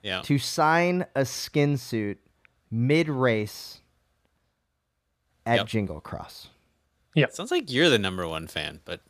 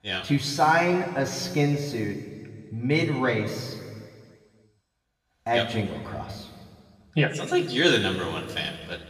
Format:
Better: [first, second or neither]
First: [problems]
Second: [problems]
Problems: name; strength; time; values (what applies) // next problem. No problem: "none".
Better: first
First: none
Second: room echo; noticeable; dies away in 1.7 s // off-mic speech; far